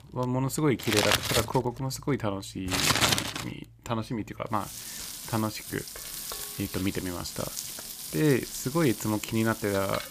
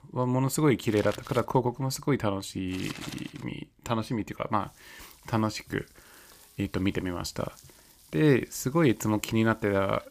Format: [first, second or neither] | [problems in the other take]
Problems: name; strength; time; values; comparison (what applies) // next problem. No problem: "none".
second | household noises; loud; throughout; 1 dB below the speech; faint in the second